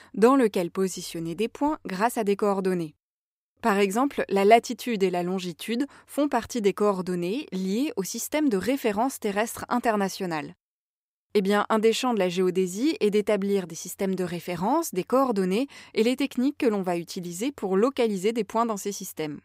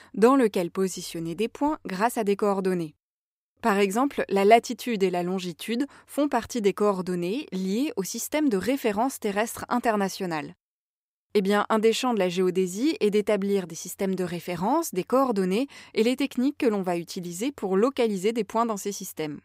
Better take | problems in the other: neither | none

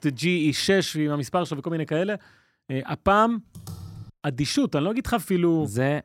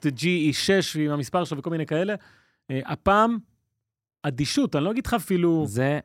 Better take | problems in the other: second | keyboard typing; faint; at 3.5 s; peak 15 dB below the speech

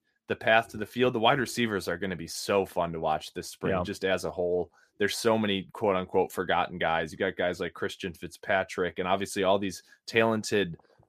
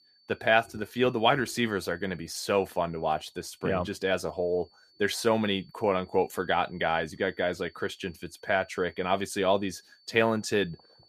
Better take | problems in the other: first | high-pitched whine; faint; throughout; 4.5 kHz, 30 dB below the speech

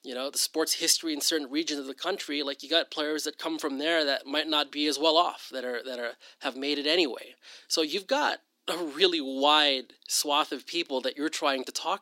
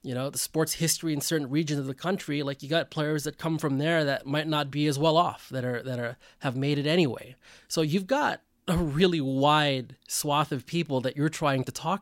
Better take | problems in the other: second | thin; somewhat; fading below 300 Hz

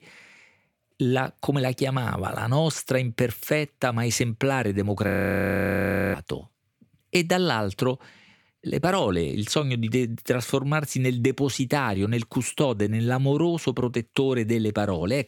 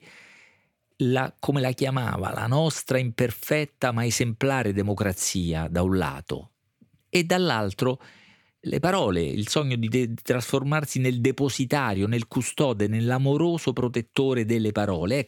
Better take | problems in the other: second | audio freezing; at 5 s for 1 s

